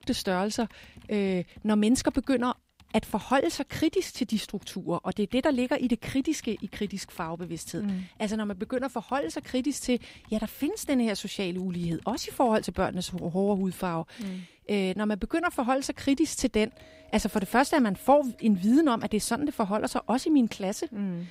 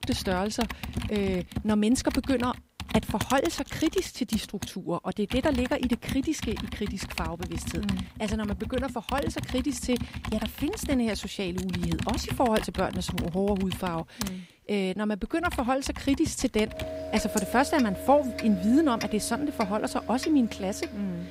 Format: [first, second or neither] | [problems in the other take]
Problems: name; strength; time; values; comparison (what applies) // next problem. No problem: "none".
first | household noises; loud; throughout; 8 dB below the speech; faint in the first